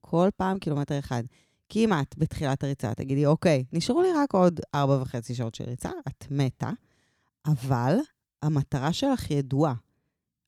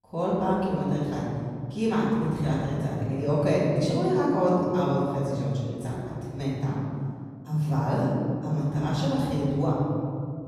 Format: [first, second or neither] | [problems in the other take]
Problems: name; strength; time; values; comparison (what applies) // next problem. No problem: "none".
first | off-mic speech; far // room echo; strong; dies away in 2.3 s